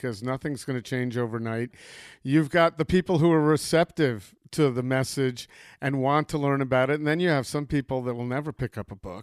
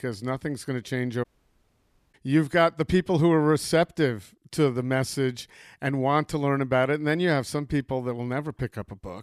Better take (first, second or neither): first